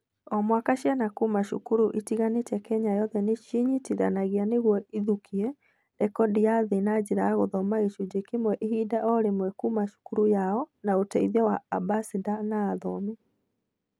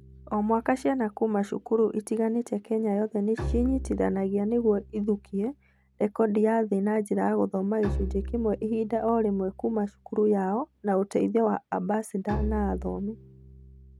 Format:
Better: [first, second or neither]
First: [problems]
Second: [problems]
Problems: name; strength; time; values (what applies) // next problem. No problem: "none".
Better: first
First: none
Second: background sound (Bowed string instrument); 12 dB below the speech